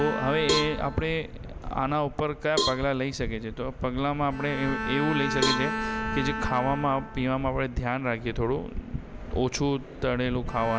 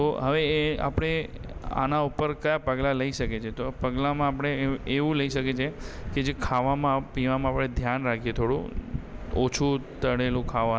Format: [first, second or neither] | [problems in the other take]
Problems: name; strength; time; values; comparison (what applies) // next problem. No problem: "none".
second | background sound (Cowbell + Bowed string instrument); 6 dB below the speech